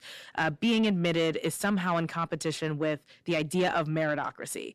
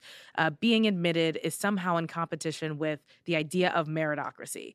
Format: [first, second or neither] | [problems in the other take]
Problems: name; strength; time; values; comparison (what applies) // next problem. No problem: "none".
second | distortion; slight; 10 dB below the speech